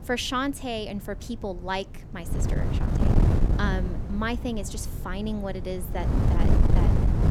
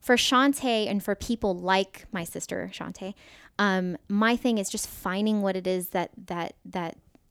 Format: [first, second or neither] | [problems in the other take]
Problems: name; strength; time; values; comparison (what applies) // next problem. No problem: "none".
second | wind noise on the microphone; heavy; 3 dB below the speech